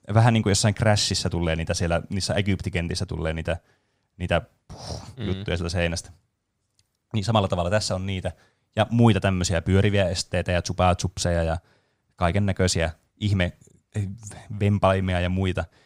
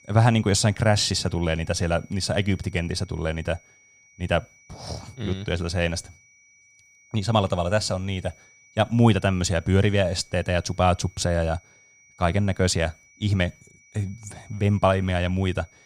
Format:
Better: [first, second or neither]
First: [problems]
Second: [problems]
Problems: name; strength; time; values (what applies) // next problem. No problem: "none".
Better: first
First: none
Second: high-pitched whine; faint; throughout; 2.5 kHz, 30 dB below the speech